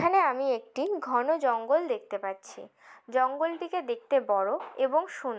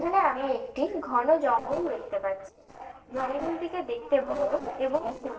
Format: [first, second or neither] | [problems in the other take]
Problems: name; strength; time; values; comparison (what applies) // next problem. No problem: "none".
first | noise reduction (neural separator model SepFormer DNS4)